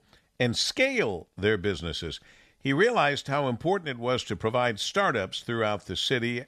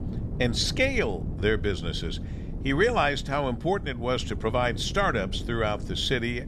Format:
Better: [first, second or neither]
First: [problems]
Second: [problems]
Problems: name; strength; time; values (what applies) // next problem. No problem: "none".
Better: first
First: none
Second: wind noise on the microphone; occasional gusts; 20 dB below the speech